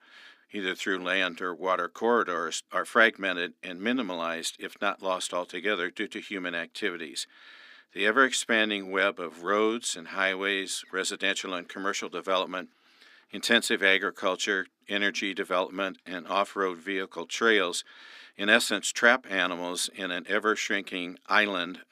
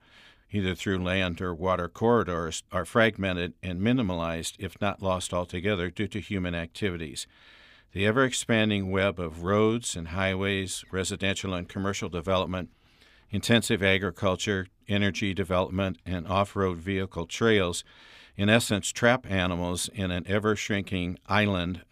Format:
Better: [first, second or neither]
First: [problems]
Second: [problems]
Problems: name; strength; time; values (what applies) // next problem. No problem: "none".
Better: second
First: thin; somewhat; fading below 250 Hz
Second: none